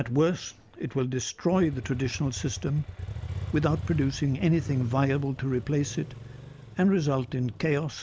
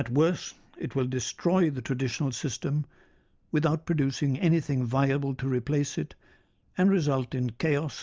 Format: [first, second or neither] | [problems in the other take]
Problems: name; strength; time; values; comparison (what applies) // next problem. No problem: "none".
second | background sound (Motorcycle); 12 dB below the speech